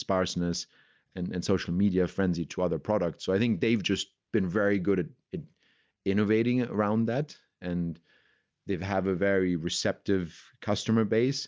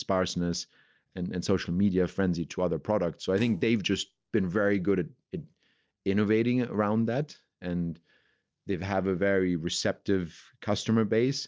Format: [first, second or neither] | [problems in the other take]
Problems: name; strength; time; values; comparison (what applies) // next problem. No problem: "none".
first | noise reduction (neural separator model SepFormer DNS4)